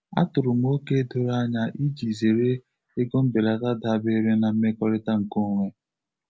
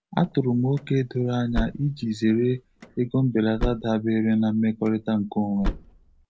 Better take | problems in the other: first | background sound (Slam / Car); 11 dB below the speech

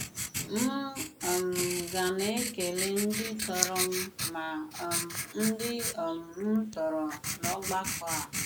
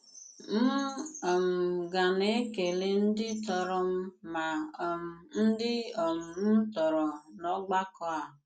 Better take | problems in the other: second | noise reduction (neural mask model Resemble Enhance denoiser)

